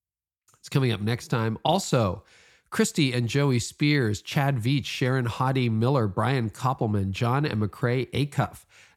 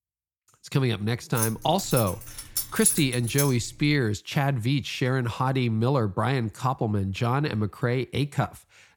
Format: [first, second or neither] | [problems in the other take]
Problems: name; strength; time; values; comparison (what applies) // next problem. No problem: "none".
first | jangling keys; loud; from 1.5 to 3.5 s; peak 3 dB above the speech